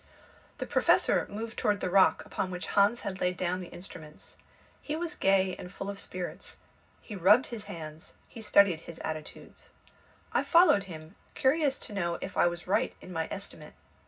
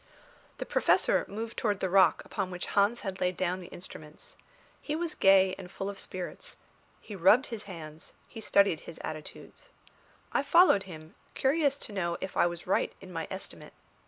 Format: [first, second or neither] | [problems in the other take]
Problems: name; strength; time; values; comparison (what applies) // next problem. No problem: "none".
second | room echo; dies away in 0.4 s